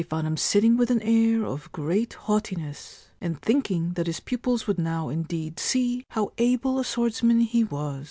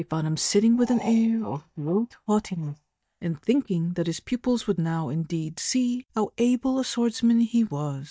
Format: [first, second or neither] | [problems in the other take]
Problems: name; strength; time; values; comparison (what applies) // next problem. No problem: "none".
first | noise reduction (neural mask model DeepFilterNet 3)